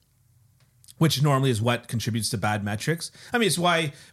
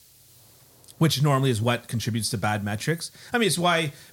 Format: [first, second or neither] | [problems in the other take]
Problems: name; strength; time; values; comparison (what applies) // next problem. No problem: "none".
first | hiss; faint; throughout; 30 dB below the speech